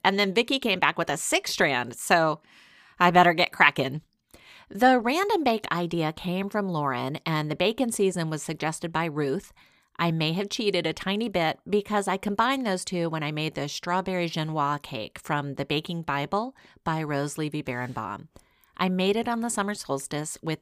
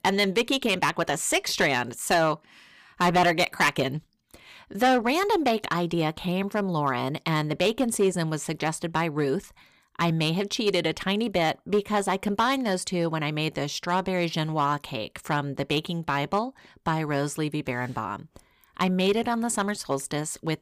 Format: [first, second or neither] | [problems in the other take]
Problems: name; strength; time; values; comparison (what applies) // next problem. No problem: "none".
first | distortion; slight; 3% of the sound clipped